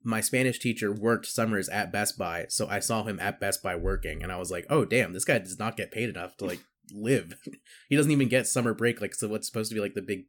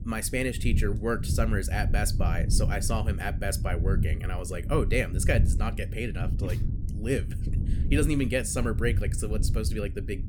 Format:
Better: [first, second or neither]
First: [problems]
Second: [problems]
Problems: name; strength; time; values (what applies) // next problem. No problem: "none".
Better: first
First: none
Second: low rumble; noticeable; throughout; 10 dB below the speech